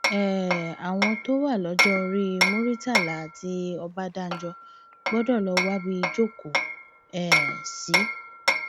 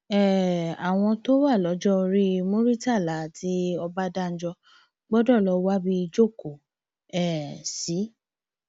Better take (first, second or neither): second